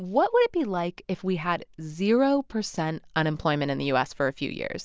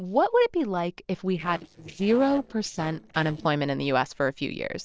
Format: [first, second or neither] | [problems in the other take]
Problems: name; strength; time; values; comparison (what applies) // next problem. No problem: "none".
first | noise reduction (neural separator model SepFormer DNS4)